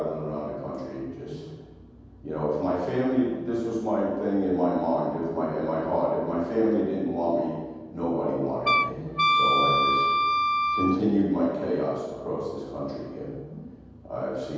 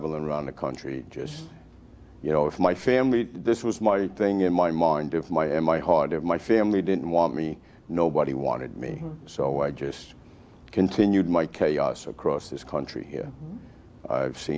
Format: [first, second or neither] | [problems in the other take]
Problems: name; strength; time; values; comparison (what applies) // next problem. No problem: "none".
second | background sound (Wind instrument, woodwind instrument); 4 dB above the speech // room echo; dies away in 1.2 s